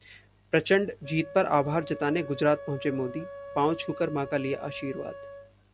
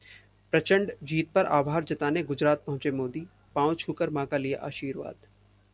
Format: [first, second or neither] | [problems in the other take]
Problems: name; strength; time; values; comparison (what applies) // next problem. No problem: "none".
second | background sound (Wind instrument, woodwind instrument); 14 dB below the speech